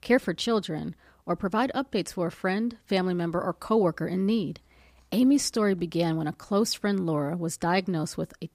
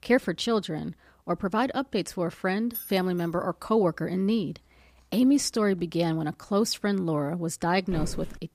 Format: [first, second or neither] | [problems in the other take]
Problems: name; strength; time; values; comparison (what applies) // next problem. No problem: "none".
first | jangling keys; noticeable; at 2.5 s; peak 9 dB below the speech // footsteps; faint; at 8 s; peak 10 dB below the speech